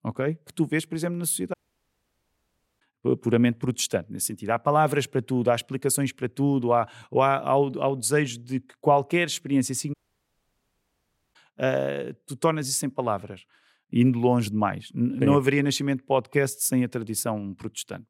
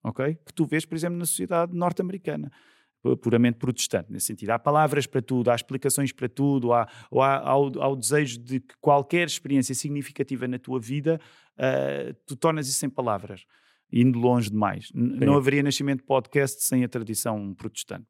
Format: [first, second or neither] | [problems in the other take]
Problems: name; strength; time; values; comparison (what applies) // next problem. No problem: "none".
second | audio cutting out; at 1.5 s for 1.5 s and at 10 s for 1.5 s